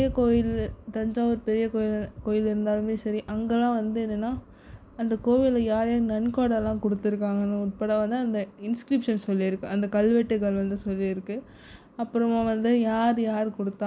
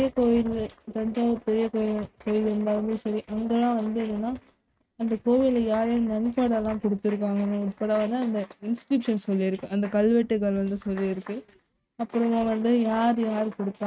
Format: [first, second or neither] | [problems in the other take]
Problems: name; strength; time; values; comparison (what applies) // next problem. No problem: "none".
first | noise reduction (neural mask model RNNoise)